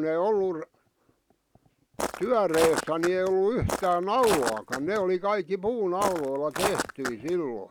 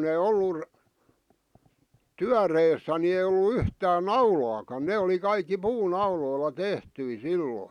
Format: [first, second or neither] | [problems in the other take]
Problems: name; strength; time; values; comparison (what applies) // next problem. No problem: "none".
second | background sound (Walk, footsteps); 6 dB below the speech